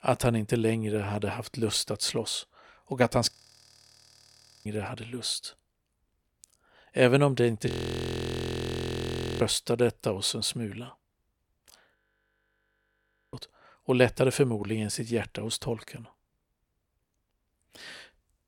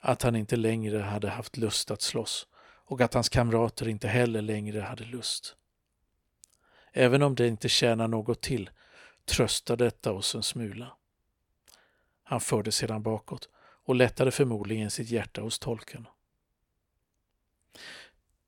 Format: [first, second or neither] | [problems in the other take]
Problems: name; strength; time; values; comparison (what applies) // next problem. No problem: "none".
second | audio freezing; at 3.5 s for 1.5 s, at 7.5 s for 1.5 s and at 12 s for 1.5 s